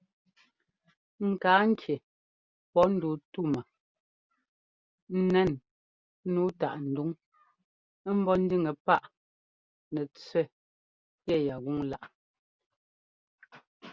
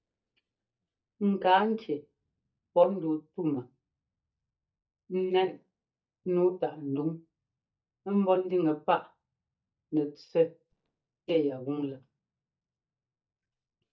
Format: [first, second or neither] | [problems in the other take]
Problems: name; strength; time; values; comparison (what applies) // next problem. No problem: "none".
first | noise reduction (neural mask model DeepFilterNet 3)